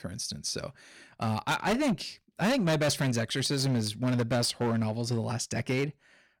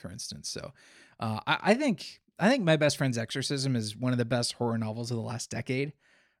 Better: second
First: distortion; heavy; 12% of the sound clipped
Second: none

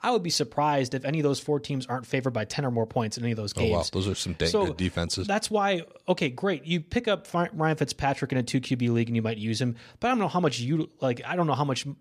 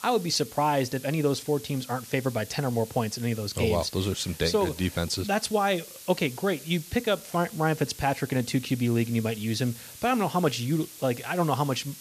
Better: first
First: none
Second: hiss; noticeable; throughout; 15 dB below the speech

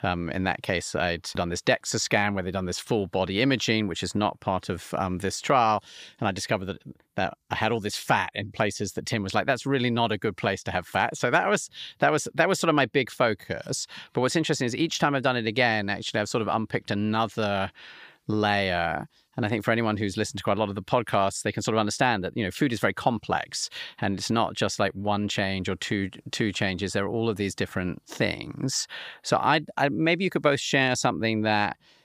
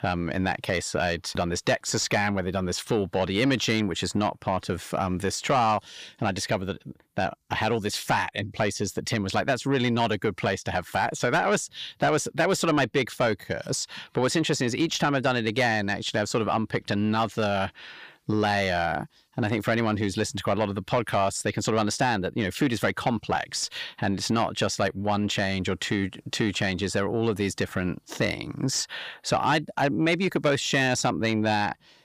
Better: first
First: none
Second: distortion; slight; 10 dB below the speech

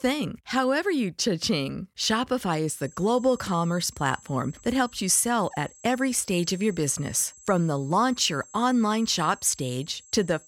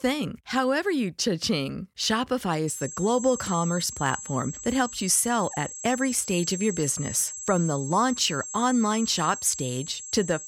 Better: first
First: high-pitched whine; faint; from 2.5 s on; 7.5 kHz, 25 dB below the speech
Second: high-pitched whine; loud; from 2.5 s on; 7.5 kHz, 9 dB below the speech

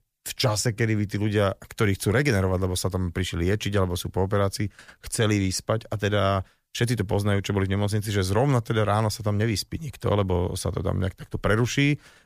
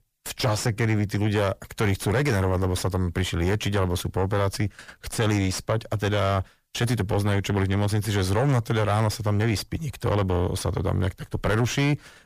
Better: first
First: none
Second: distortion; slight; 10 dB below the speech

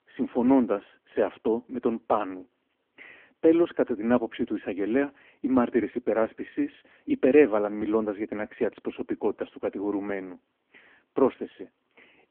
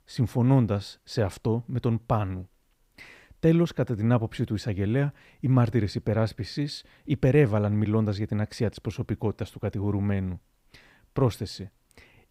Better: second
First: phone-call audio; poor line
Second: none

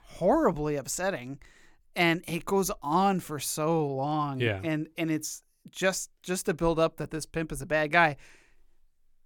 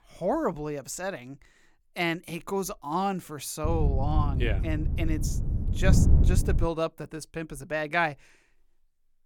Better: first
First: none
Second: wind noise on the microphone; heavy; from 3.5 to 6.5 s; 9 dB below the speech

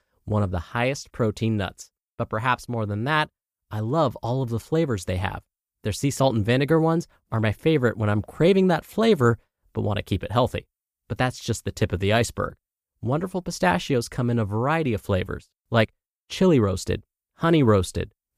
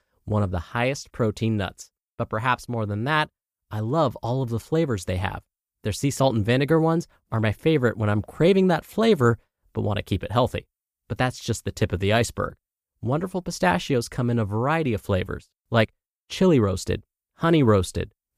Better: neither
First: none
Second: none

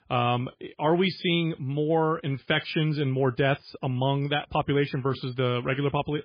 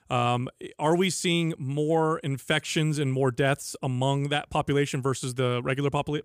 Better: second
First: garbled, watery; badly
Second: none

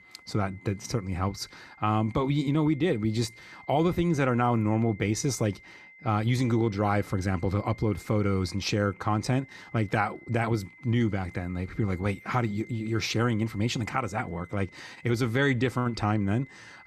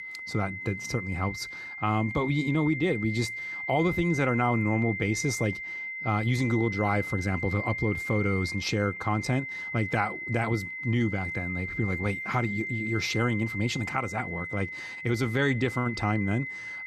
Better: first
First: high-pitched whine; faint; throughout; 2 kHz, 20 dB below the speech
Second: high-pitched whine; loud; throughout; 2 kHz, 5 dB below the speech

